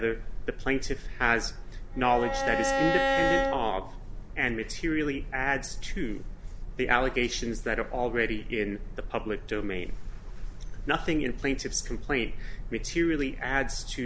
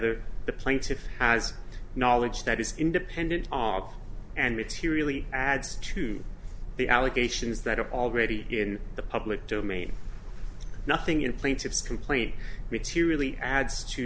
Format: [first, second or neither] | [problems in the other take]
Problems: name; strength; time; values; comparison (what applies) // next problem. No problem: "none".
second | background sound (Bowed string instrument); 1 dB above the speech